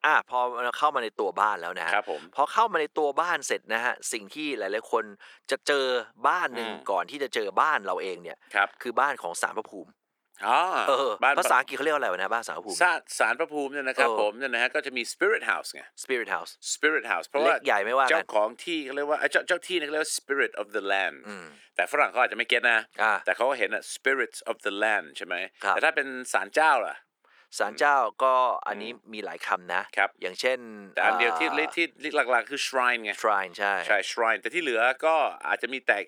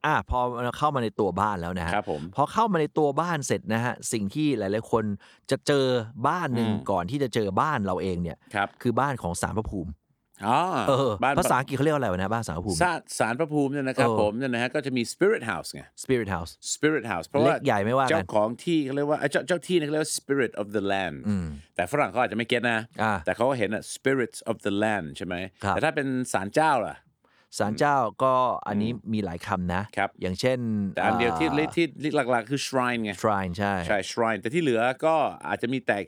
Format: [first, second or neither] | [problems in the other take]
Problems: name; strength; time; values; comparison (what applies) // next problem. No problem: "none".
second | thin; very; fading below 400 Hz